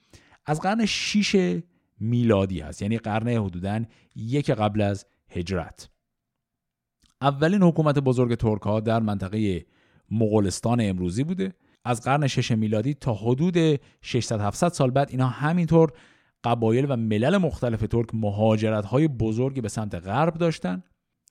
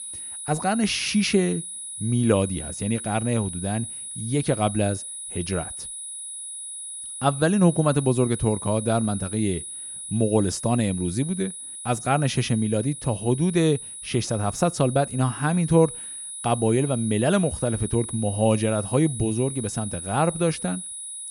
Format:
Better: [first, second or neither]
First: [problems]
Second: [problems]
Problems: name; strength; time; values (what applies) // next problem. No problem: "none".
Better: first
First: none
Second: high-pitched whine; loud; throughout; 10 kHz, 9 dB below the speech